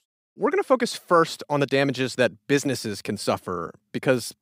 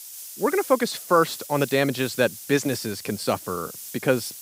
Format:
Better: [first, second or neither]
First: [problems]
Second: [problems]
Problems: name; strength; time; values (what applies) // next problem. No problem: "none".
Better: first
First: none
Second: hiss; noticeable; throughout; 10 dB below the speech